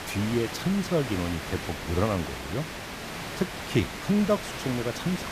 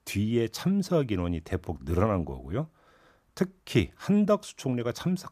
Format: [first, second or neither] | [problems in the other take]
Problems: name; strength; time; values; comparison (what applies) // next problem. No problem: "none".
second | hiss; loud; throughout; 6 dB below the speech